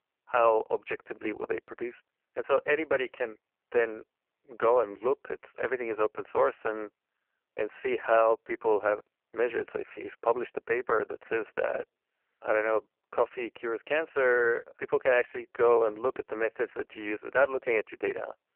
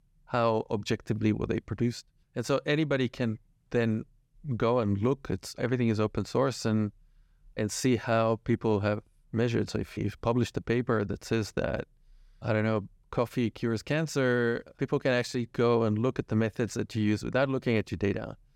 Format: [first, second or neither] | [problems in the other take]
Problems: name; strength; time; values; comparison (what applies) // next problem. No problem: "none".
second | phone-call audio; poor line